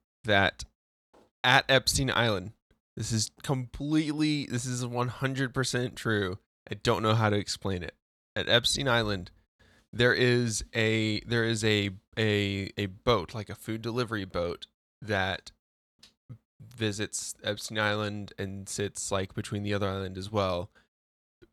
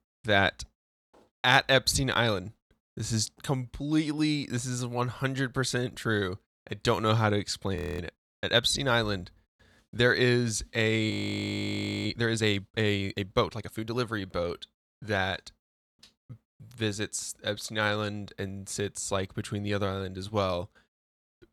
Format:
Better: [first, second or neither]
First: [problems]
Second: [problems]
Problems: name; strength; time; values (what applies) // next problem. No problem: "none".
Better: first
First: none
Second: audio freezing; at 8 s and at 11 s for 1 s